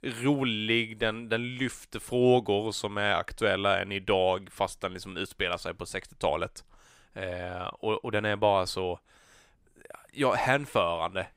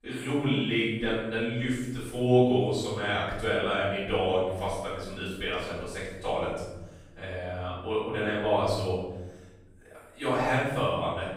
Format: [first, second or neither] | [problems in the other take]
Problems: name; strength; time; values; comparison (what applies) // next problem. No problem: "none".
first | off-mic speech; far // room echo; strong; dies away in 1.3 s